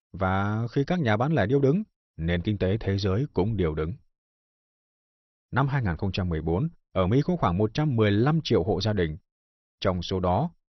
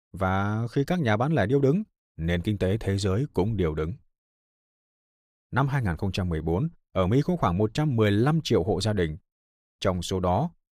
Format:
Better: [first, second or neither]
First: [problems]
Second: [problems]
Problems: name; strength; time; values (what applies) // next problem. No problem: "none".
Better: second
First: garbled, watery; slightly; nothing above 6 kHz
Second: none